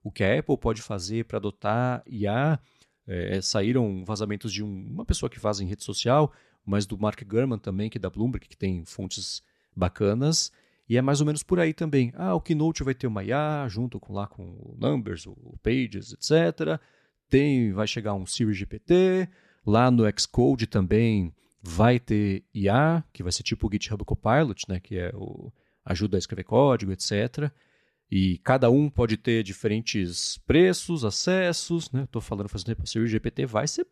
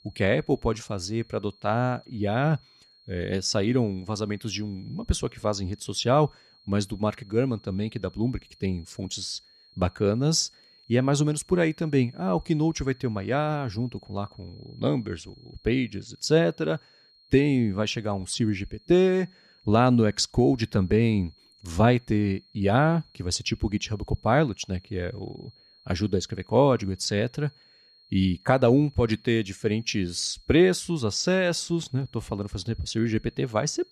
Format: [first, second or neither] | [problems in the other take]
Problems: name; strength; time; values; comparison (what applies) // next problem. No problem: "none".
first | high-pitched whine; faint; throughout; 4.5 kHz, 30 dB below the speech